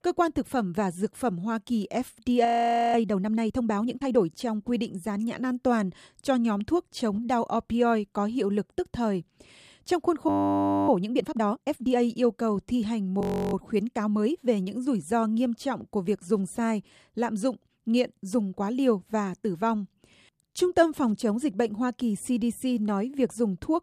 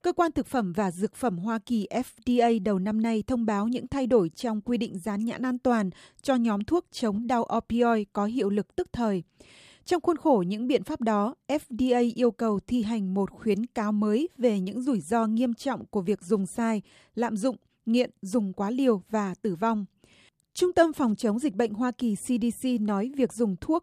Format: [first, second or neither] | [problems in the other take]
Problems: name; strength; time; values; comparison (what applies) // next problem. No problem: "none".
second | audio freezing; at 2.5 s, at 10 s for 0.5 s and at 13 s